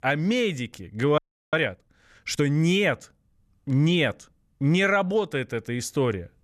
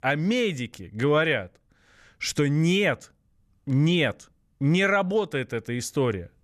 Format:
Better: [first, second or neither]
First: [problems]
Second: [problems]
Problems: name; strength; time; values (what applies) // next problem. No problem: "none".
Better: second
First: audio freezing; at 1 s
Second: none